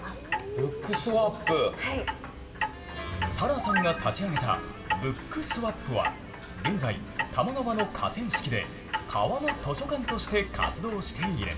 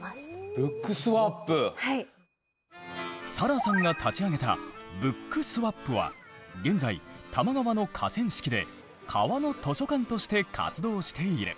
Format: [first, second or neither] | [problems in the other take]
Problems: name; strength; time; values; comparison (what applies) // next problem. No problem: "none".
second | background sound (Clock); 5 dB below the speech // room echo; dies away in 1.8 s